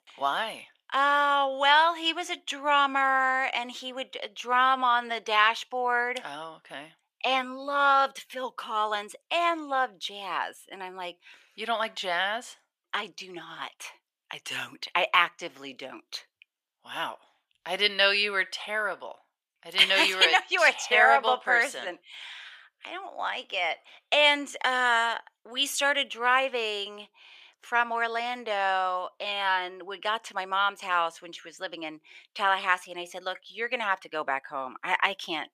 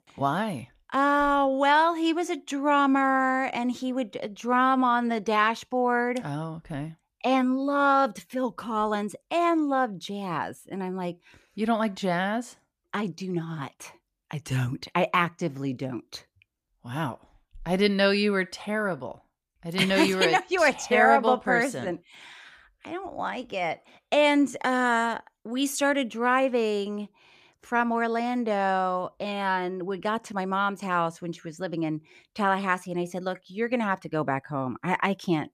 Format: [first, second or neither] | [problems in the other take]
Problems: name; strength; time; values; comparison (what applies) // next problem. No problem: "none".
second | thin; very; fading below 600 Hz